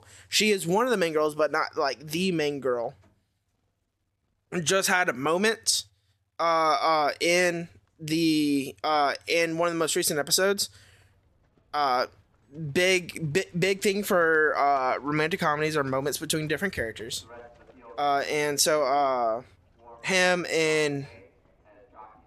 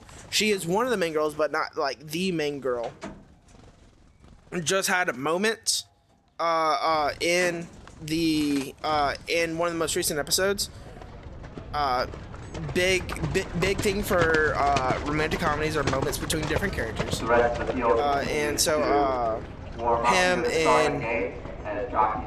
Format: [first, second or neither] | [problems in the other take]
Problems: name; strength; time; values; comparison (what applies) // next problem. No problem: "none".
first | animal sounds; loud; throughout; 4 dB below the speech; faint in the first